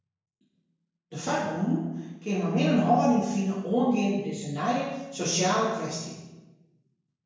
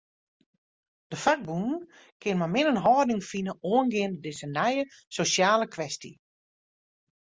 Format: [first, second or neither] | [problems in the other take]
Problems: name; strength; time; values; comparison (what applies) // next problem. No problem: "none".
second | room echo; dies away in 1 s